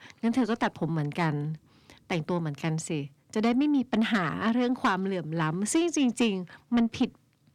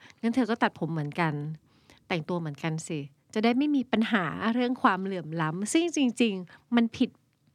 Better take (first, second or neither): second